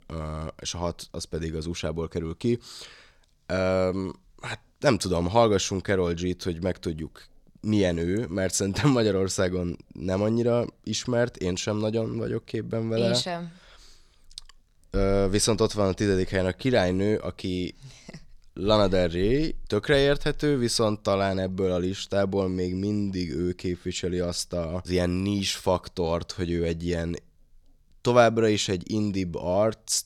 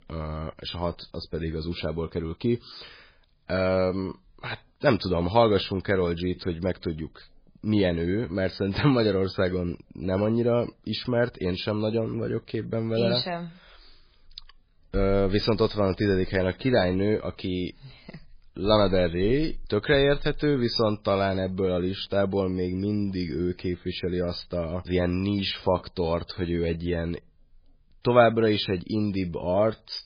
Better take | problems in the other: first | garbled, watery; badly

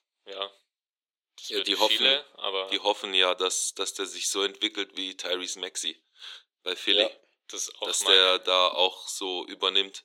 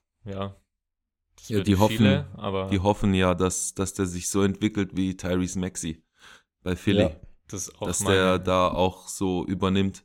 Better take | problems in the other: second | thin; very; fading below 350 Hz

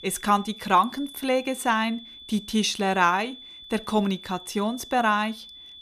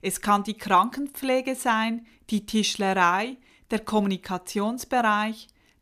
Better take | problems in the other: second | high-pitched whine; noticeable; throughout; 3.5 kHz, 15 dB below the speech

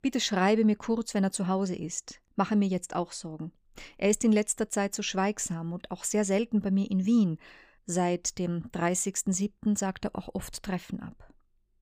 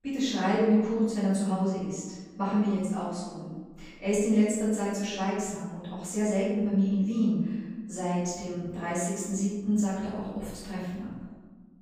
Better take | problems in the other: first | off-mic speech; far // room echo; strong; dies away in 1.1 s

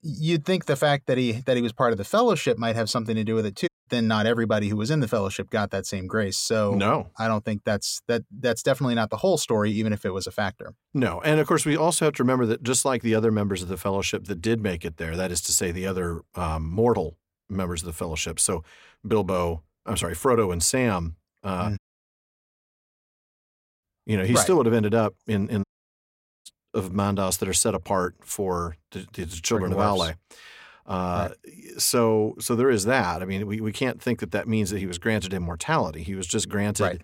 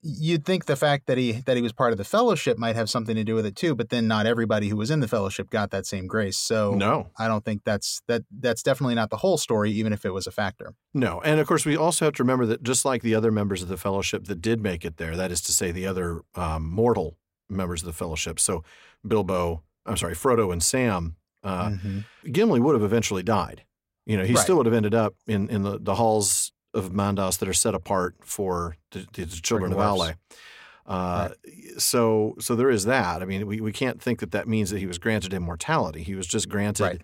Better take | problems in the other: second | audio cutting out; at 3.5 s, at 22 s for 2 s and at 26 s for 1 s

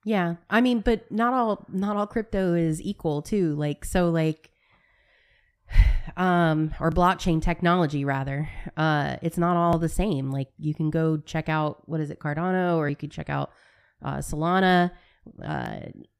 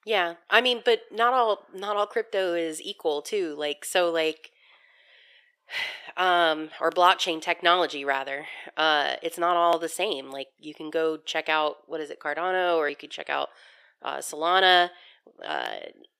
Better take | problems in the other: first | thin; very; fading below 450 Hz

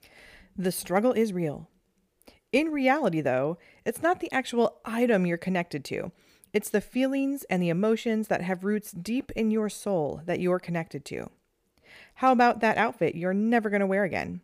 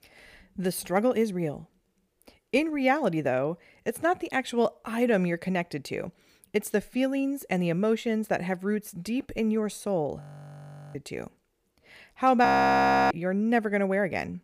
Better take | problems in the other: first | audio freezing; at 10 s for 0.5 s and at 12 s for 0.5 s

